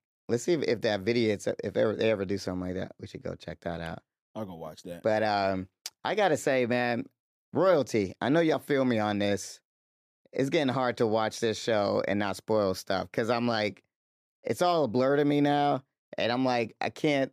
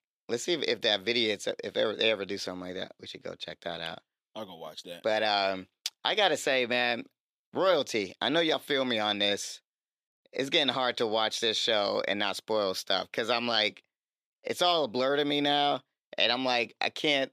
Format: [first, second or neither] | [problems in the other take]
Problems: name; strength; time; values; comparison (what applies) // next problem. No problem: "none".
first | thin; very slightly; fading below 500 Hz